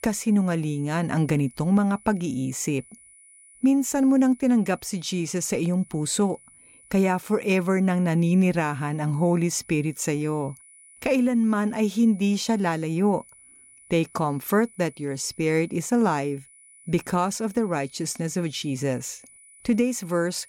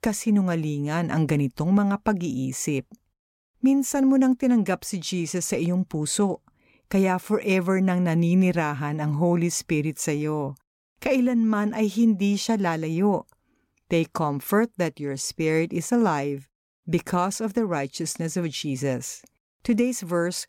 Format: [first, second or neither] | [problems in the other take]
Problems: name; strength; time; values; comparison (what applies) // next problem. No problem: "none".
second | high-pitched whine; faint; throughout; 10 kHz, 25 dB below the speech